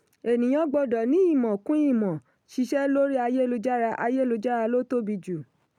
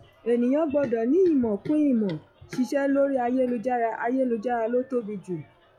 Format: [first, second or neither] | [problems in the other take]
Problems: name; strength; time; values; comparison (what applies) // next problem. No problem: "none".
first | noise reduction (classical method log-MMSE)